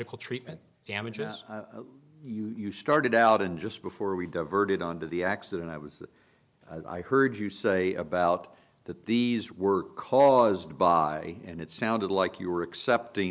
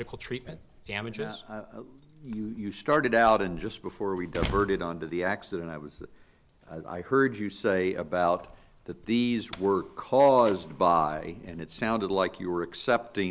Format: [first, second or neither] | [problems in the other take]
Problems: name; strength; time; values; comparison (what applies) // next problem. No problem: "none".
first | background sound (Slam); 17 dB below the speech